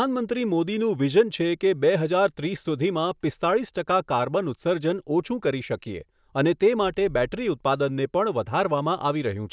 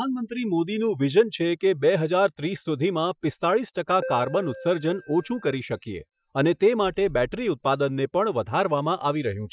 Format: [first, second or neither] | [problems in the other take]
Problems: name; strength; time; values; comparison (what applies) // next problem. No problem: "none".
first | noise reduction (classical method Wiener filter)